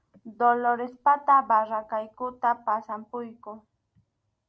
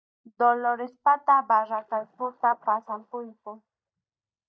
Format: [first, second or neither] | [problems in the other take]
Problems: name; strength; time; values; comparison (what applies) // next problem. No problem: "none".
first | noise reduction (neural mask model DeepFilterNet 3)